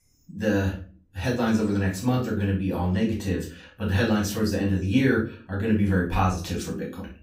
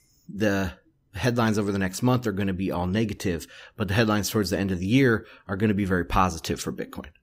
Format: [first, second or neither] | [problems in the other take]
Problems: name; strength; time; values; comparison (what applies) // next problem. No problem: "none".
second | off-mic speech; far // room echo; slight; dies away in 0.3 s